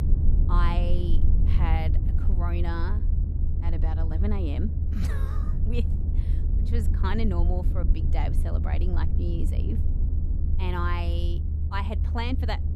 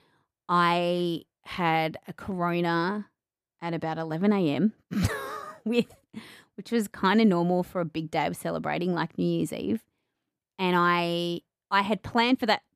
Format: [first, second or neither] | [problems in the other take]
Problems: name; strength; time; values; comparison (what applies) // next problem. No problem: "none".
second | low rumble; loud; throughout; 7 dB below the speech